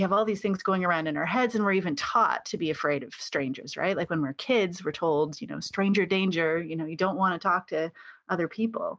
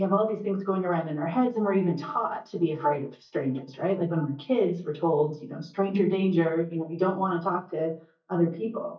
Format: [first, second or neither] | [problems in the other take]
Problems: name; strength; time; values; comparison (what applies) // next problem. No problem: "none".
first | noise reduction (neural mask model DeepFilterNet 3)